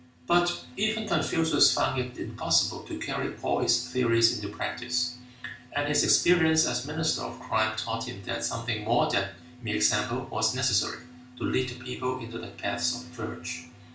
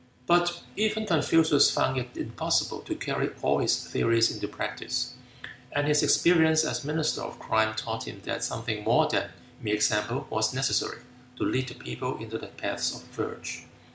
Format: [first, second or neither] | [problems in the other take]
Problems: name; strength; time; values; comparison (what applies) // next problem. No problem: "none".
second | room echo; dies away in 0.3 s